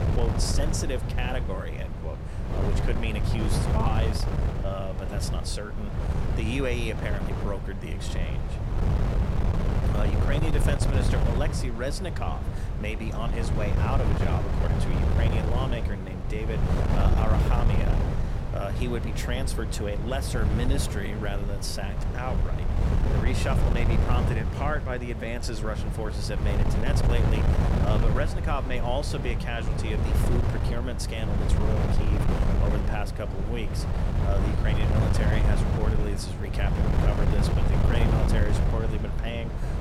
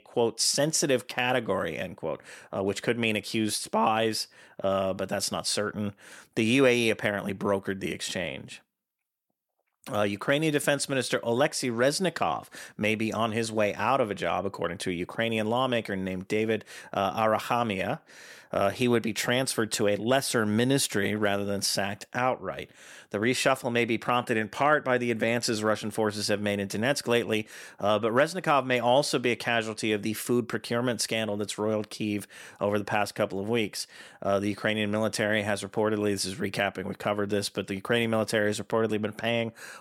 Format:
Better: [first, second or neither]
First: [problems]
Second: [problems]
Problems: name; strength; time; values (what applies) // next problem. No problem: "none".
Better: second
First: wind noise on the microphone; heavy; 1 dB below the speech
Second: none